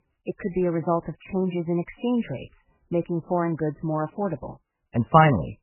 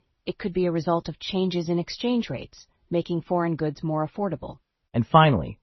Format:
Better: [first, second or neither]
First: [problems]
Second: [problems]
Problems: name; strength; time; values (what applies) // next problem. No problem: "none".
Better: second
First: garbled, watery; badly; nothing above 3 kHz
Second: garbled, watery; slightly; nothing above 6 kHz